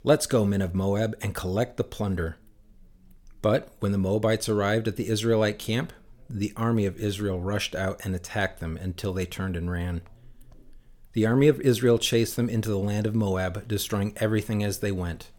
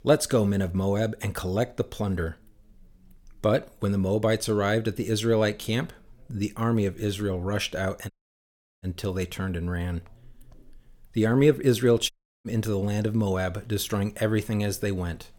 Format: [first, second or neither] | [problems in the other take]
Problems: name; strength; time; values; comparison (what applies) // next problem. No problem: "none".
first | audio cutting out; at 8 s for 0.5 s and at 12 s